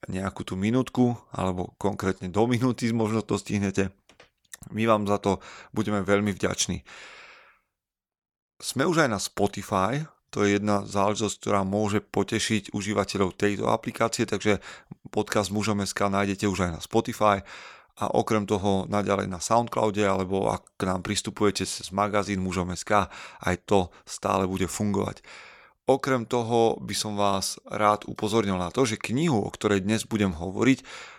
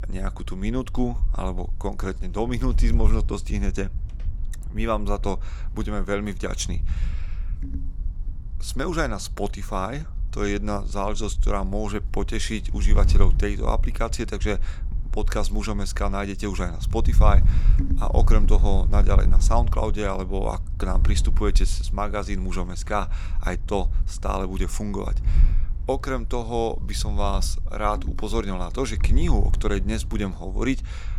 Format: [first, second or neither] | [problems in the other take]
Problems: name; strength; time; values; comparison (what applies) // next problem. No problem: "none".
first | wind noise on the microphone; occasional gusts; 15 dB below the speech